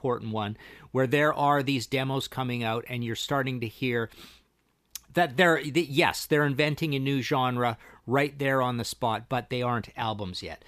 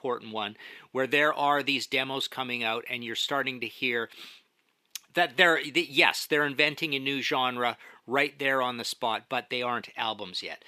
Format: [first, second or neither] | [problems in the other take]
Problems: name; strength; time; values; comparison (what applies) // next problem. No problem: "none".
first | thin; very slightly; fading below 250 Hz